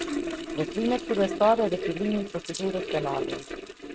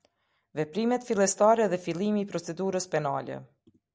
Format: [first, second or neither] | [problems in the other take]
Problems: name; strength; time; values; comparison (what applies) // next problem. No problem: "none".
second | noise reduction (neural mask model RNNoise)